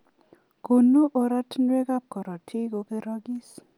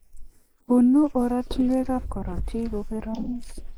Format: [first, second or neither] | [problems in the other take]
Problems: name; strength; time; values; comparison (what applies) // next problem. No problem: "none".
first | noise reduction (neural mask model Resemble Enhance denoiser)